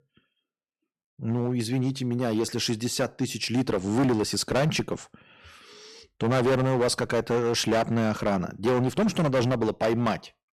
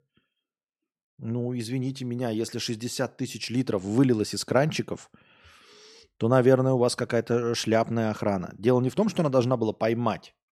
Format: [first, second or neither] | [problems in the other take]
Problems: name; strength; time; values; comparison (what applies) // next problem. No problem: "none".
second | distortion; heavy; 11% of the sound clipped